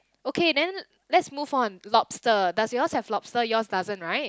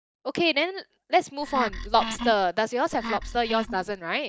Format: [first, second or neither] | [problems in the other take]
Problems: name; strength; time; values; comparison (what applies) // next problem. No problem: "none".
first | noise reduction (neural mask model DeepFilterNet 3)